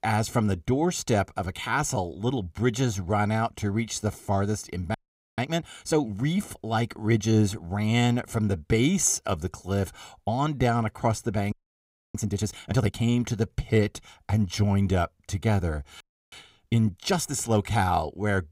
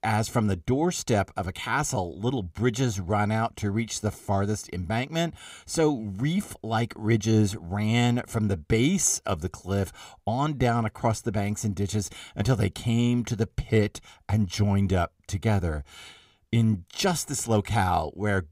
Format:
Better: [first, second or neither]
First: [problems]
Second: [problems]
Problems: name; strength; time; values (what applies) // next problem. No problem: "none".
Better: second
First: audio freezing; at 5 s, at 12 s for 0.5 s and at 16 s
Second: none